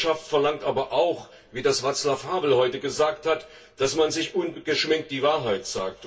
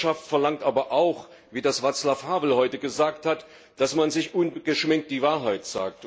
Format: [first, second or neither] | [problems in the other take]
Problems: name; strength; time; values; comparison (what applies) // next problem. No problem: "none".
second | room echo; dies away in 0.1 s